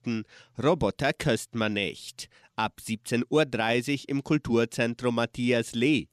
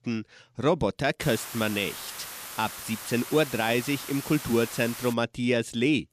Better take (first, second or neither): first